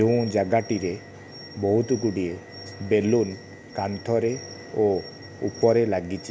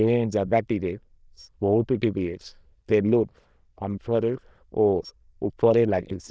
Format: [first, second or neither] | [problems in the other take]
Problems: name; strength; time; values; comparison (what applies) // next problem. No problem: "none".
first | noise reduction (neural diffusion model UNIVERSE++)